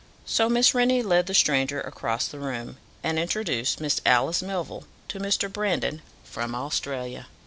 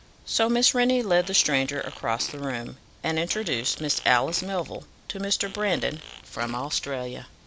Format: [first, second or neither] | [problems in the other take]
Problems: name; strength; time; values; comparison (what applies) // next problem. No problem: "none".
first | background sound (Fart); 19 dB below the speech